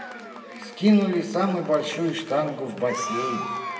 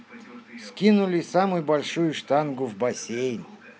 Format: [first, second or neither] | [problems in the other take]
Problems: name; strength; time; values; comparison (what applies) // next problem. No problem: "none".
second | background sound (Applause / Crowd / Cheering); 11 dB below the speech // room echo; dies away in 1.4 s